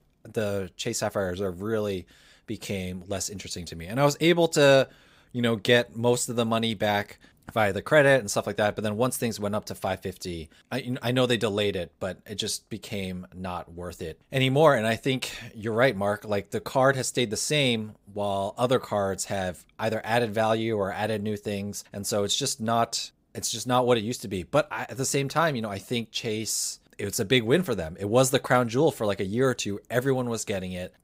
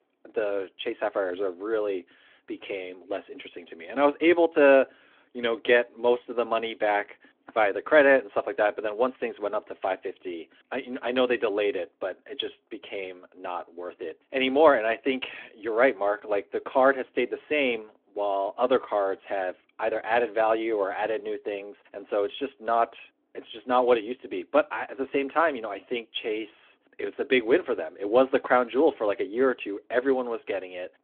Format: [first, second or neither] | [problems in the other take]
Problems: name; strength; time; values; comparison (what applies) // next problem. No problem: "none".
first | phone-call audio; nothing above 3.5 kHz